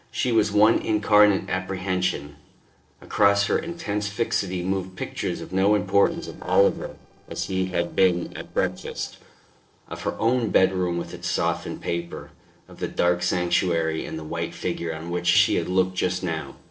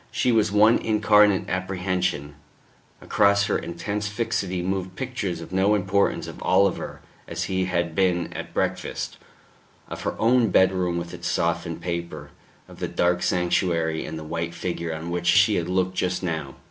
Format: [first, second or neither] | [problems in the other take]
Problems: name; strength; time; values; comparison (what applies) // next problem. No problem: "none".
second | noise reduction (neural separator model SepFormer DNS4)